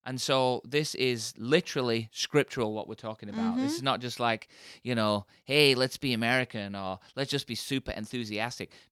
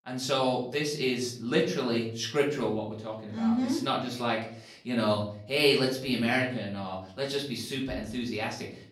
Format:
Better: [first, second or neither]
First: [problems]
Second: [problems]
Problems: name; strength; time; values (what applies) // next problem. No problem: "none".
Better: first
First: none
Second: room echo; slight; dies away in 0.5 s // off-mic speech; far